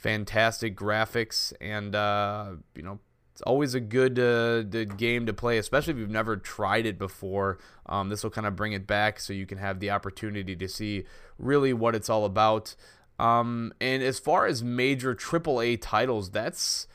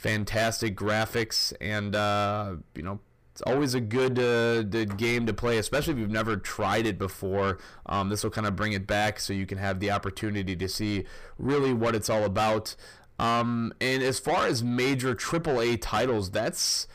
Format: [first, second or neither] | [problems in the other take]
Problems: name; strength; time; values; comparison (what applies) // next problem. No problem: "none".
first | distortion; heavy; 8 dB below the speech